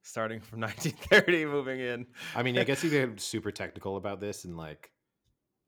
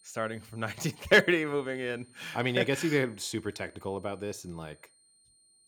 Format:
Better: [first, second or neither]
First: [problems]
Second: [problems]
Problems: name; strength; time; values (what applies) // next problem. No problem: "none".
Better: first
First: none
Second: high-pitched whine; faint; throughout; 8.5 kHz, 30 dB below the speech